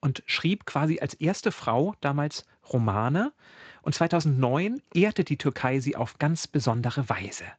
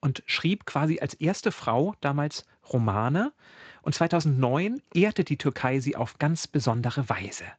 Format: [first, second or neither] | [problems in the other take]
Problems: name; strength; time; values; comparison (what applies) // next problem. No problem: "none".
neither | garbled, watery; slightly; nothing above 7.5 kHz; the same in both